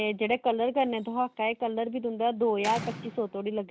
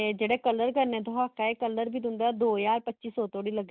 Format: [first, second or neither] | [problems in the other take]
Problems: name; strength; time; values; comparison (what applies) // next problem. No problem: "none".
second | background sound (Slam); 17 dB below the speech